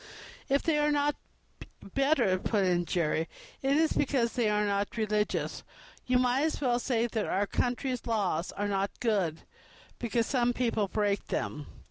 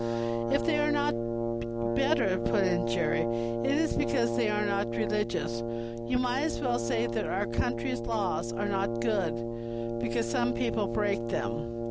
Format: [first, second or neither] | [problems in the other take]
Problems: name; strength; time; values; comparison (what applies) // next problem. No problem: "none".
first | background sound (Brass instrument); as loud as the speech